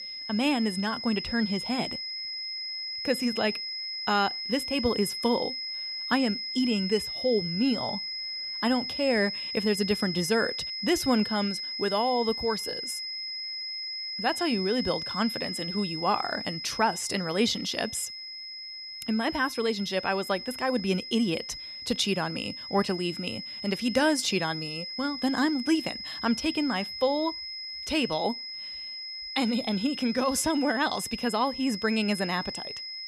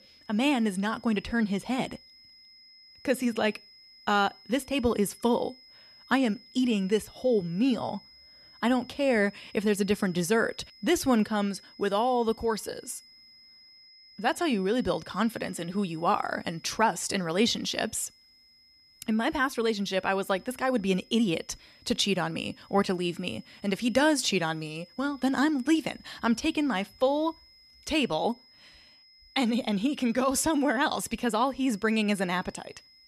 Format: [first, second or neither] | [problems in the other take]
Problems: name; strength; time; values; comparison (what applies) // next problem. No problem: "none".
second | high-pitched whine; loud; throughout; 5 kHz, 5 dB below the speech; faint in the second